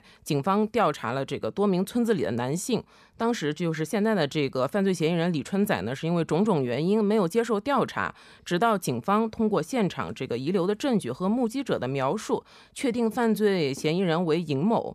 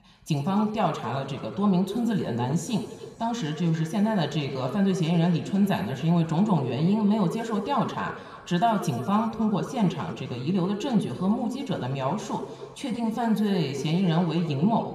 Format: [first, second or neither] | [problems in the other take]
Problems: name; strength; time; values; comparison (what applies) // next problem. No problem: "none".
first | room echo; noticeable; dies away in 1.9 s // off-mic speech; somewhat distant